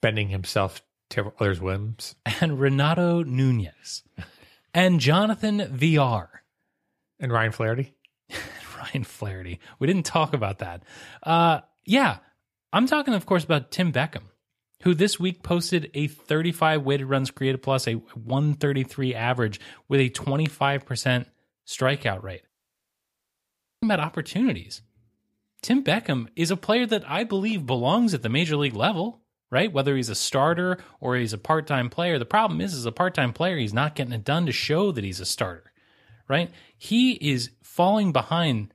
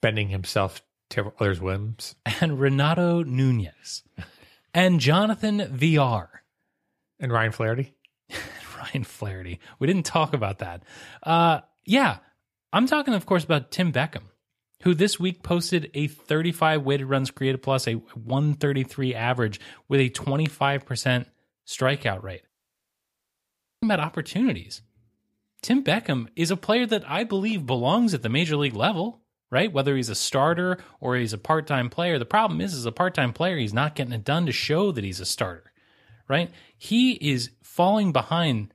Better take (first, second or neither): neither